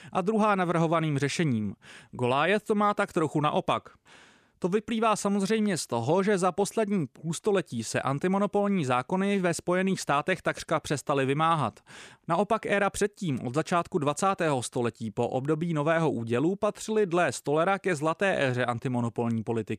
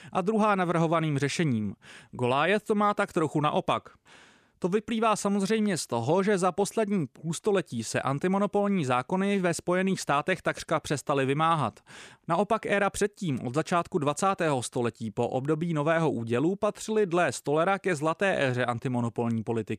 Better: neither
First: none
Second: none

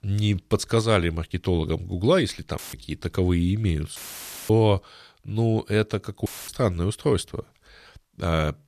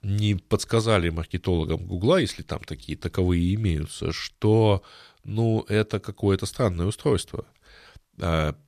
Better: second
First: audio cutting out; filled with static; at 2.5 s, at 4 s for 0.5 s and at 6.5 s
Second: none

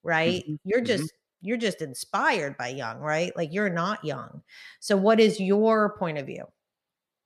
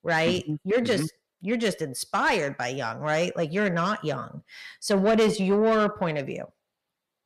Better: first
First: none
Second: distortion; slight; 10 dB below the speech

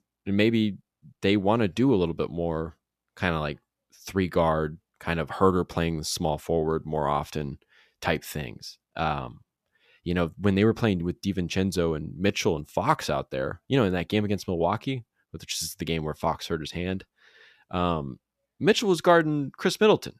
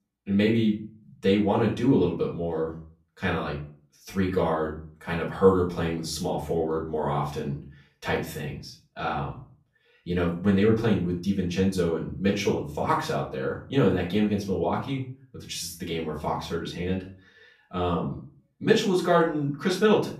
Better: first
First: none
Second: off-mic speech; far // room echo; slight; dies away in 0.4 s

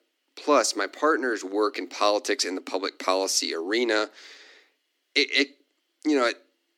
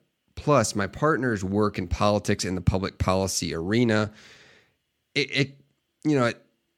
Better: second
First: thin; somewhat; fading below 250 Hz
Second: none

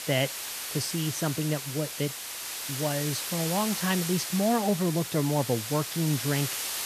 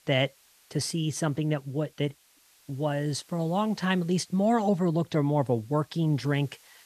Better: second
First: hiss; loud; throughout; 3 dB below the speech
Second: hiss; faint; throughout; 30 dB below the speech

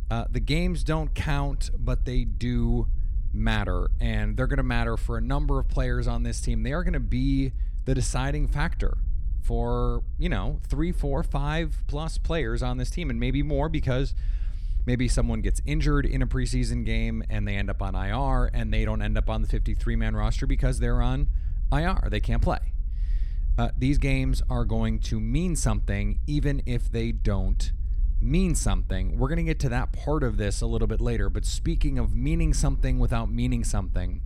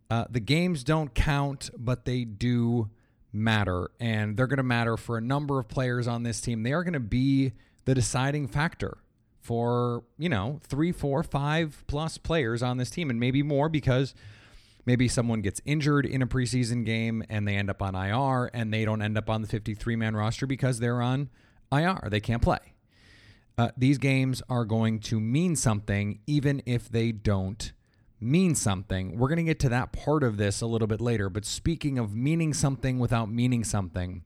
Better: second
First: low rumble; faint; throughout; 20 dB below the speech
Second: none

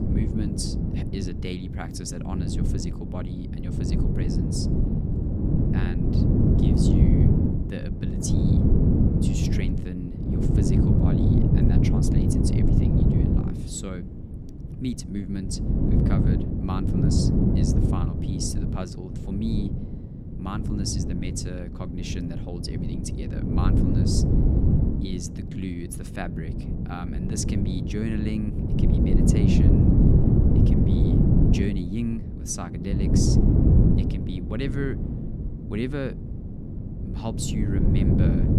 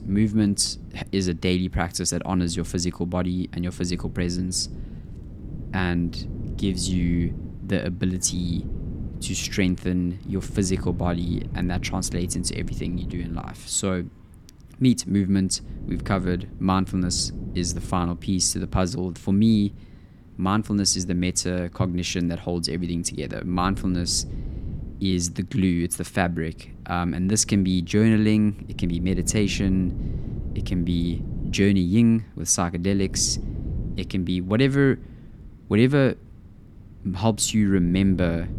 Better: second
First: wind noise on the microphone; heavy; 4 dB above the speech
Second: wind noise on the microphone; occasional gusts; 20 dB below the speech

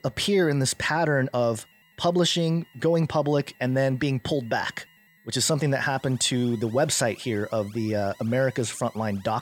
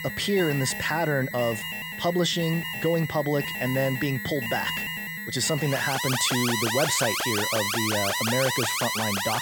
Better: first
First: alarms or sirens; faint; throughout; 30 dB below the speech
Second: alarms or sirens; loud; throughout; 1 dB below the speech

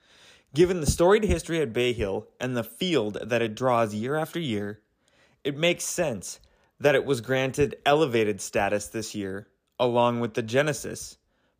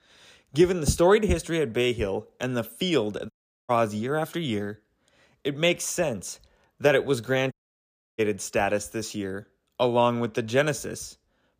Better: first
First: none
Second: audio cutting out; at 3.5 s and at 7.5 s for 0.5 s

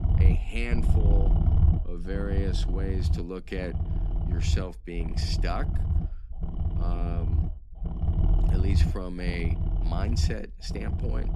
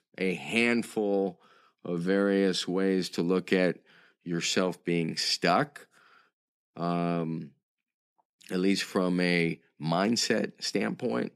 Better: second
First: low rumble; loud; throughout; 5 dB below the speech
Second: none

